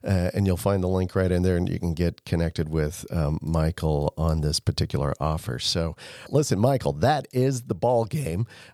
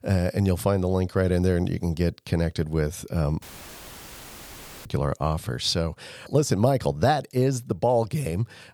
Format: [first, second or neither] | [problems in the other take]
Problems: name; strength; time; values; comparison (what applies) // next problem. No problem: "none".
first | audio cutting out; filled with static; at 3.5 s for 1.5 s